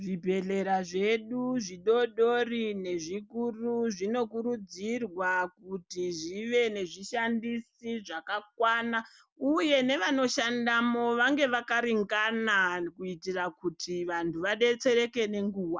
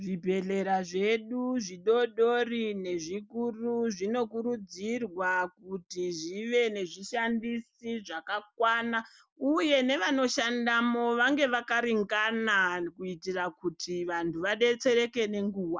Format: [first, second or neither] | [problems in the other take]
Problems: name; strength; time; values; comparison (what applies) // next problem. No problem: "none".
first | noise reduction (neural mask model Resemble Enhance denoiser)